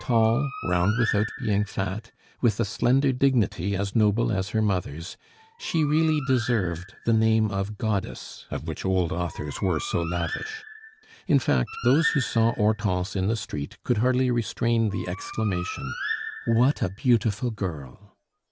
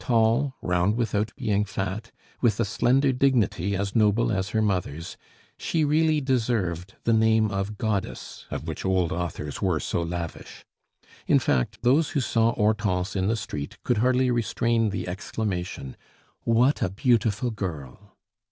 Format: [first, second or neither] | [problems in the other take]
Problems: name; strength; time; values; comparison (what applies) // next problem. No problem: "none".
second | background sound (Bird); 14 dB below the speech